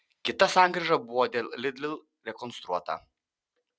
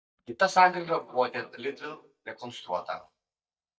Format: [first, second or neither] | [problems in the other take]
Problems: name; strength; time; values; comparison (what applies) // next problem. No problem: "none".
first | noise reduction (neural mask model DeepFilterNet 3)